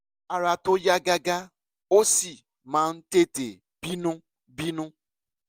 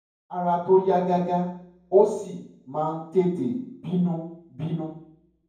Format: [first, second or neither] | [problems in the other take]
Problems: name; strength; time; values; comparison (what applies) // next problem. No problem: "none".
first | room echo; dies away in 0.9 s